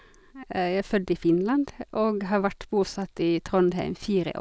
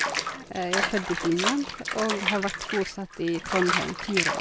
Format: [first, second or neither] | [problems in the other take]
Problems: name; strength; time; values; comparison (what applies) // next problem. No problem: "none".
first | background sound (Bathtub (filling or washing) / Water); 1 dB below the speech